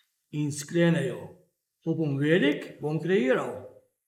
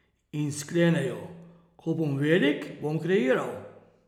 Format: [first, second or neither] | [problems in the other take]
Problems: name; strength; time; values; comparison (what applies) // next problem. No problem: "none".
second | noise reduction (neural mask model Resemble Enhance denoiser)